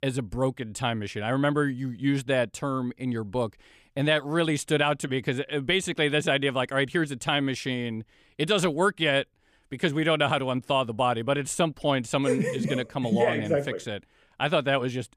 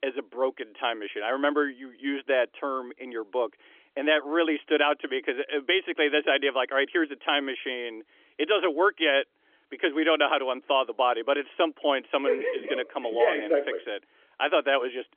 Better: first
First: none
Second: phone-call audio; nothing above 3.5 kHz

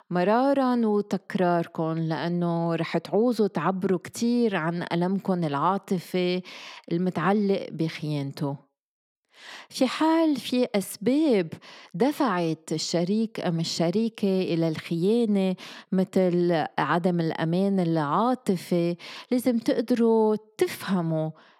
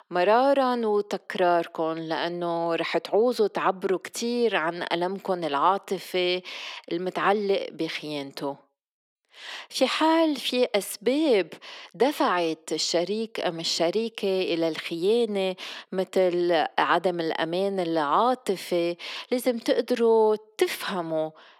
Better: first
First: none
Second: thin; somewhat; fading below 450 Hz

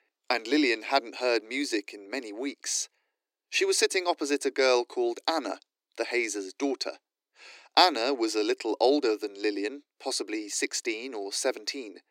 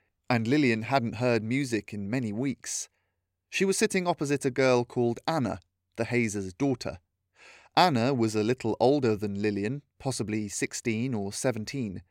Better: second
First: thin; somewhat; fading below 300 Hz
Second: none

